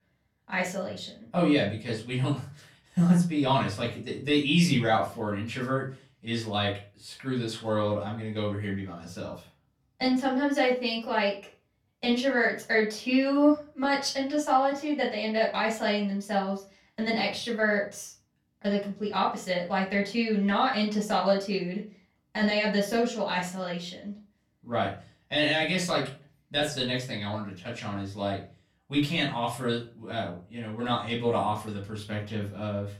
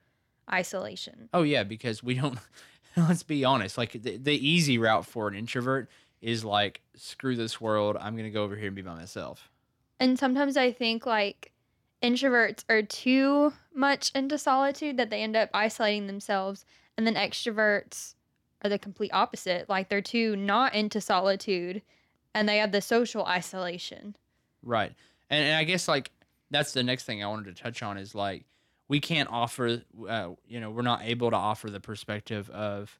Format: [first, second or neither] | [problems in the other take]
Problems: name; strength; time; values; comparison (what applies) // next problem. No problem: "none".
second | off-mic speech; far // room echo; slight; dies away in 0.3 s